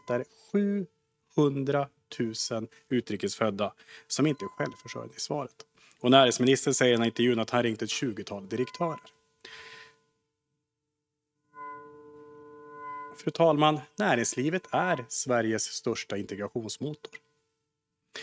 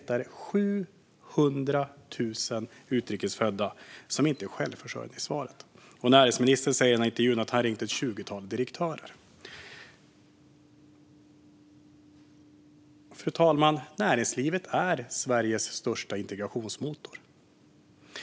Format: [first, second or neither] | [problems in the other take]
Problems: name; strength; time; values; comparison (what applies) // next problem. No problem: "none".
second | noise reduction (neural mask model RNNoise)